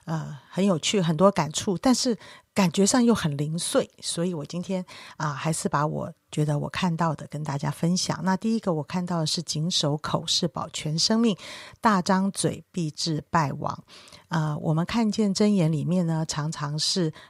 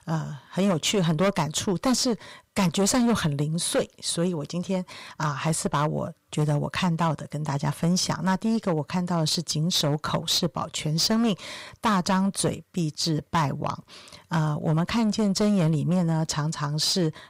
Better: first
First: none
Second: distortion; slight; 9% of the sound clipped

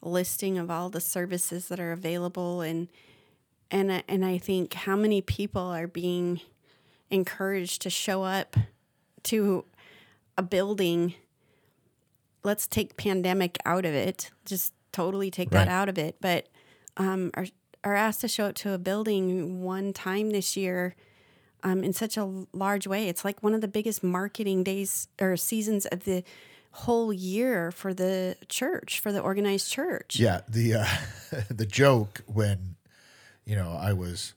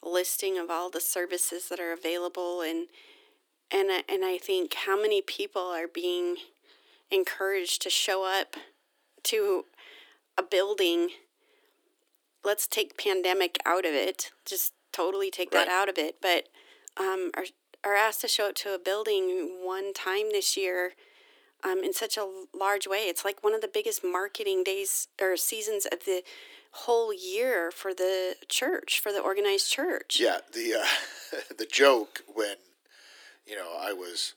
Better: first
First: none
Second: thin; very; fading below 300 Hz

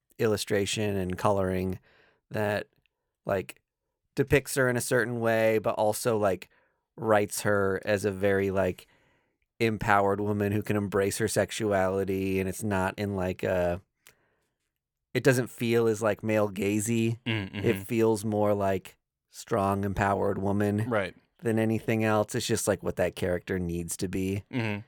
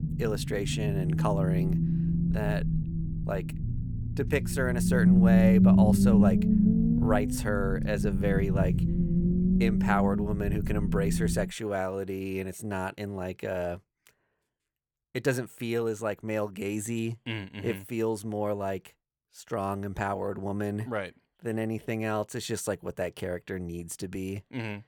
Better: first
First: none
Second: low rumble; loud; until 11 s; 1 dB below the speech

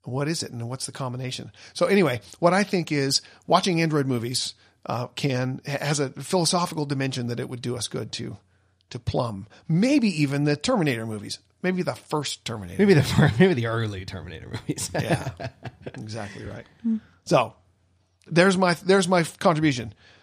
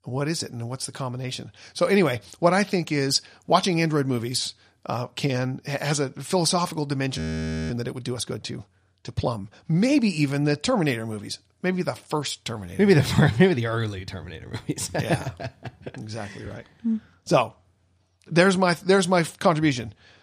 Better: first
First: none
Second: audio freezing; at 7 s for 0.5 s

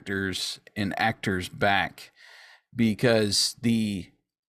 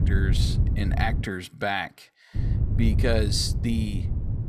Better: first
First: none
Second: wind noise on the microphone; occasional gusts; until 1.5 s and from 2.5 s on; 10 dB below the speech

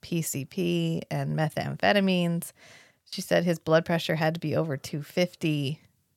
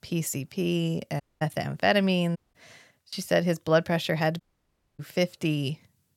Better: first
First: none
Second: audio cutting out; at 1 s, at 2.5 s and at 4.5 s for 0.5 s

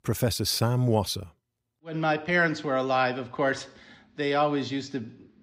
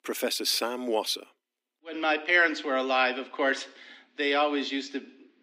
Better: first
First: none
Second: thin; very slightly; fading below 250 Hz

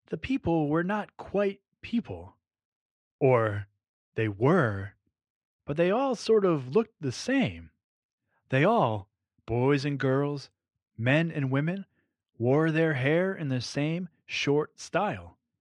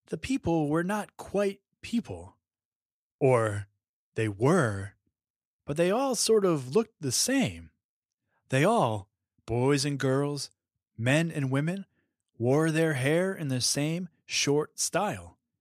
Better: second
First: muffled; slightly; fading above 2.5 kHz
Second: none

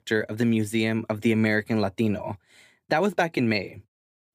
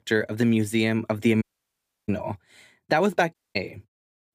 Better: first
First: none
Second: audio cutting out; at 1.5 s for 0.5 s and at 3.5 s

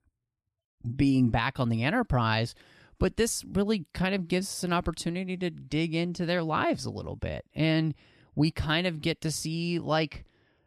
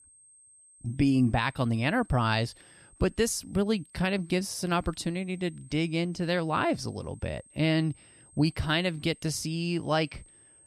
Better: first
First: none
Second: high-pitched whine; faint; throughout; 8.5 kHz, 25 dB below the speech

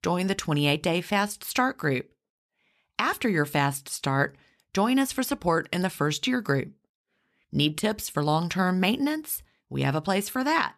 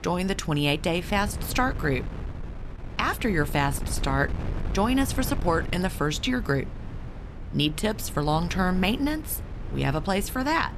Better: first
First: none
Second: wind noise on the microphone; occasional gusts; 15 dB below the speech

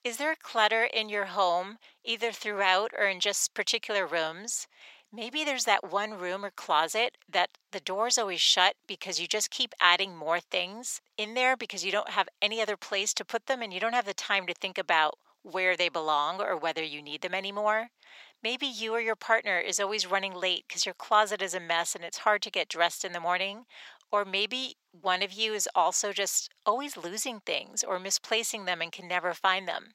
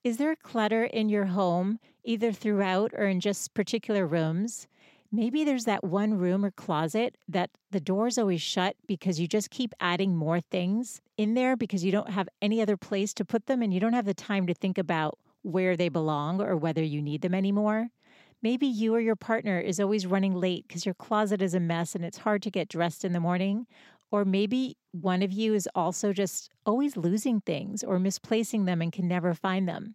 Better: second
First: thin; very; fading below 850 Hz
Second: none

